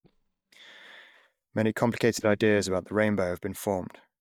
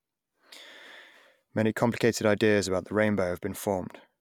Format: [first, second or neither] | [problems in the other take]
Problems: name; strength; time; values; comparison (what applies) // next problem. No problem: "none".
second | noise reduction (neural mask model DeepFilterNet 3)